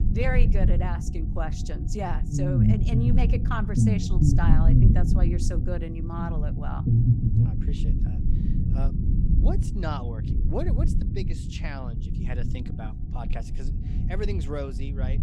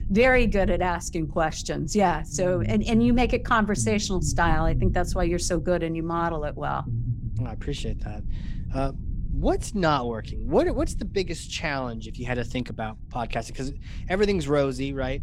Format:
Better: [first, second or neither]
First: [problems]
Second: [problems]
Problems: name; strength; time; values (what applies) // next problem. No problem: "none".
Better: second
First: low rumble; loud; throughout; 1 dB below the speech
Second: low rumble; faint; throughout; 20 dB below the speech